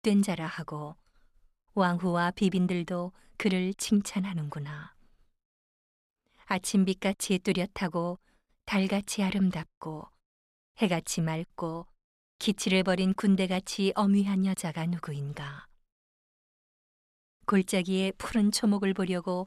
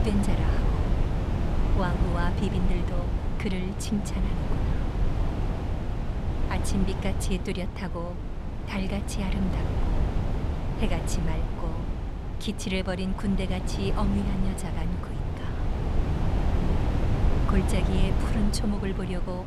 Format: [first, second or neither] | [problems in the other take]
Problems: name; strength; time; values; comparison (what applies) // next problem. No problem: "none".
first | wind noise on the microphone; heavy; 2 dB below the speech